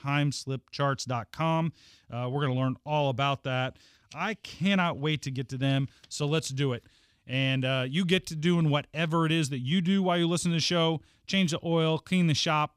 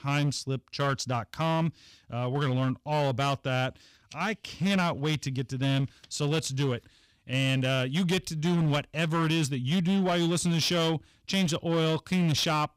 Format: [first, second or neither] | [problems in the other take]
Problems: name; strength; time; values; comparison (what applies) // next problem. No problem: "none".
first | distortion; slight; 13% of the sound clipped